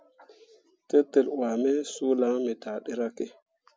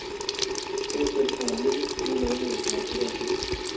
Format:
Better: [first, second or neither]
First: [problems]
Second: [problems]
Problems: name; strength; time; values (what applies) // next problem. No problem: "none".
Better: first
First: none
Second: background sound (Sink (filling or washing) / Water tap, faucet); 2 dB above the speech // room echo; dies away in 0.5 s